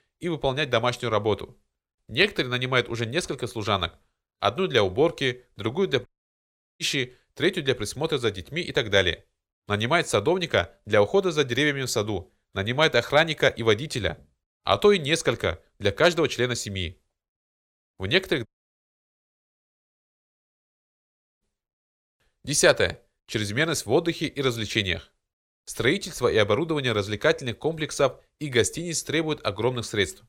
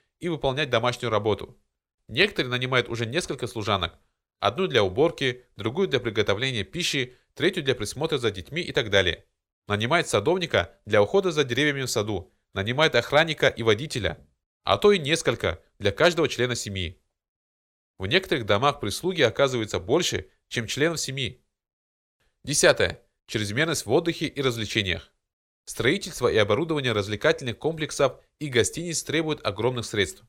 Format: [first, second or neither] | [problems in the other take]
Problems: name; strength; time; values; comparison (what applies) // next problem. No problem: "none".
second | audio cutting out; at 6 s for 0.5 s and at 18 s for 3 s